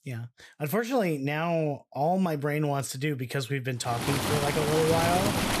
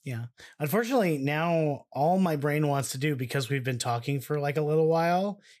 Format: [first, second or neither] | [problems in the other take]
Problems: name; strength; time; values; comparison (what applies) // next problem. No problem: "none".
second | rain or running water; very loud; from 4 s on; as loud as the speech